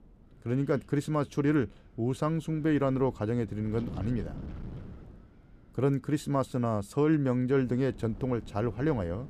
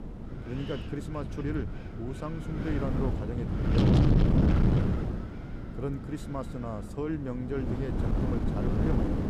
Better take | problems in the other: first | wind noise on the microphone; heavy; 3 dB above the speech; occasional gusts in the first

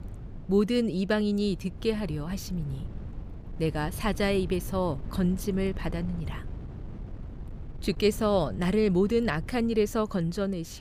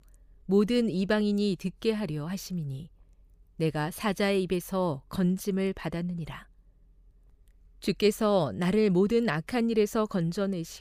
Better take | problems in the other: second | wind noise on the microphone; occasional gusts; 20 dB below the speech

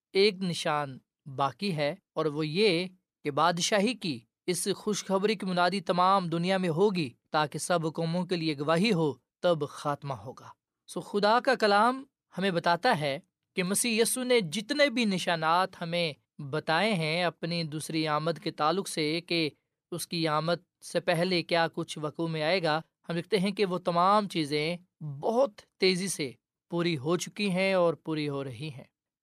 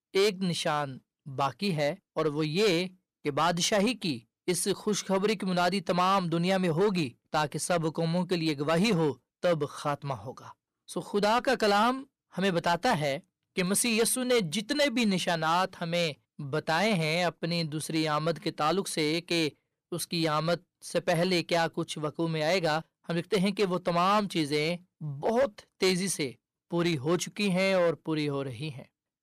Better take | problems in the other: first | distortion; slight; 5% of the sound clipped

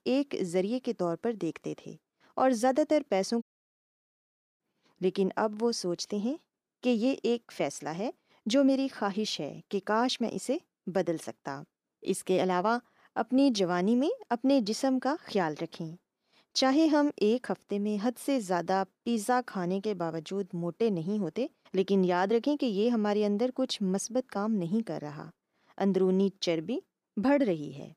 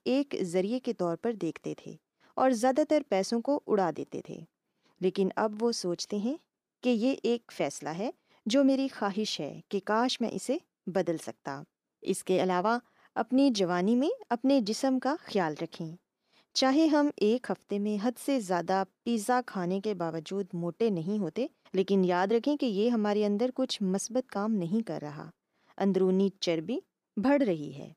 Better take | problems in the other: second | audio cutting out; at 3.5 s for 1 s

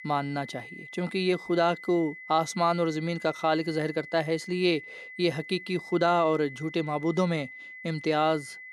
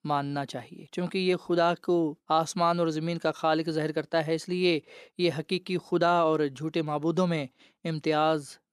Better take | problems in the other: second | high-pitched whine; noticeable; throughout; 2 kHz, 15 dB below the speech

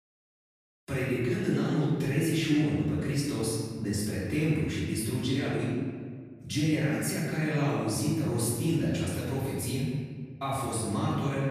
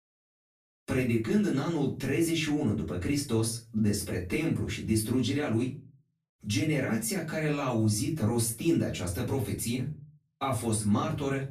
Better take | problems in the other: second | room echo; strong; dies away in 1.6 s; slight in the second // off-mic speech; far; far in the second

